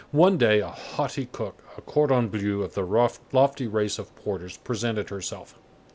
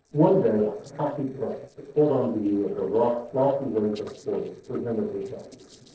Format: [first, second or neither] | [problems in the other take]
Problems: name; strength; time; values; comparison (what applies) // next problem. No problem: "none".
first | noise reduction (neural separator model SepFormer DNS4)